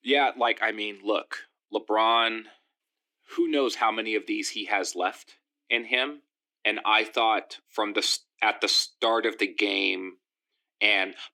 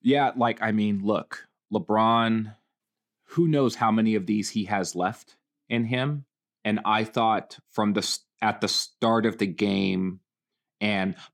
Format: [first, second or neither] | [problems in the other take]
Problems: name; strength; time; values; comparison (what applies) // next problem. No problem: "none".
second | thin; somewhat; fading below 300 Hz